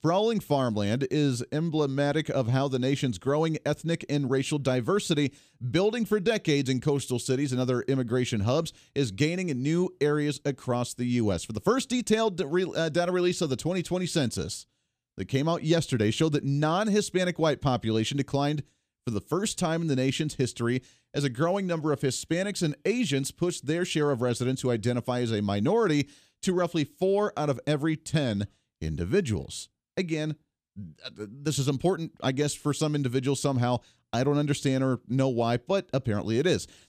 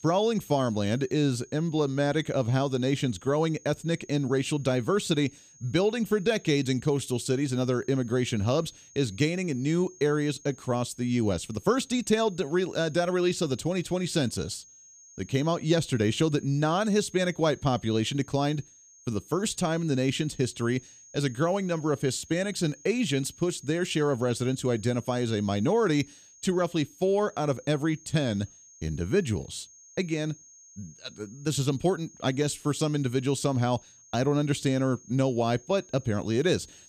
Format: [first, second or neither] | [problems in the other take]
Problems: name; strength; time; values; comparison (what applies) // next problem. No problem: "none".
first | high-pitched whine; faint; throughout; 6.5 kHz, 25 dB below the speech